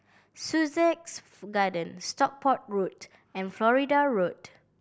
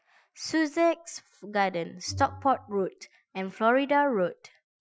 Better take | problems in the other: first | noise reduction (classical method Wiener filter)

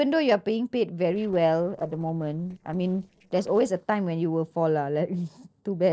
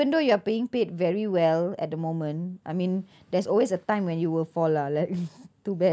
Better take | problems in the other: second | noise reduction (neural separator model SepFormer DNS4)

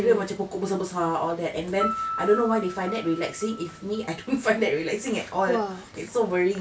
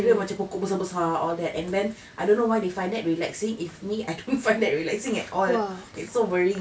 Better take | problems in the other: second | background sound (Piano); 12 dB below the speech

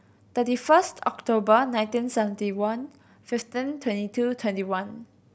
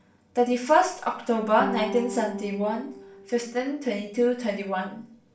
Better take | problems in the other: first | background sound (Guitar); 12 dB below the speech // room echo; dies away in 0.4 s

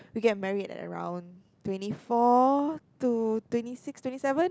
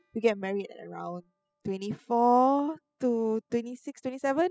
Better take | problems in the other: first | noise reduction (classical method spectral subtraction)

